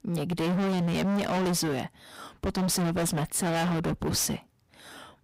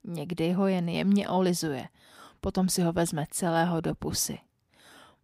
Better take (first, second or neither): second